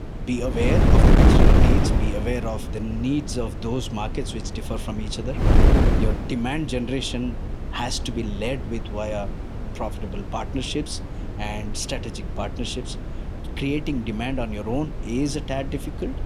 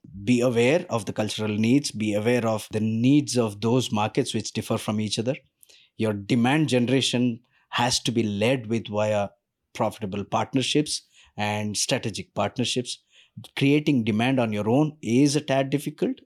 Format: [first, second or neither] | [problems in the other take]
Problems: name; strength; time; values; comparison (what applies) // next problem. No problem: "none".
second | wind noise on the microphone; heavy; 1 dB below the speech